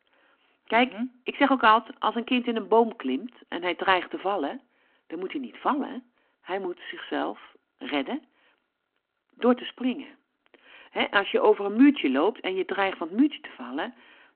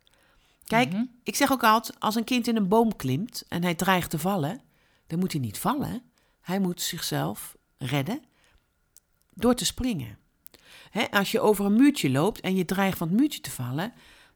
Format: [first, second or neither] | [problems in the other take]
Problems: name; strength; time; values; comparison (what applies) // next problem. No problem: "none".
second | phone-call audio